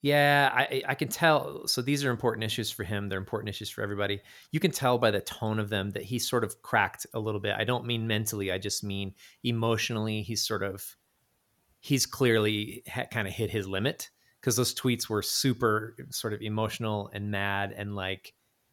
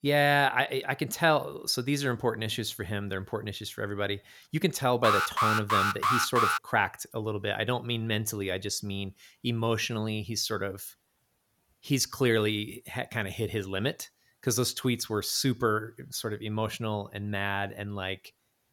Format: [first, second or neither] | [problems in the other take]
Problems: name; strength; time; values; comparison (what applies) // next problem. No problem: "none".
first | alarm; loud; from 5 to 6.5 s; peak 4 dB above the speech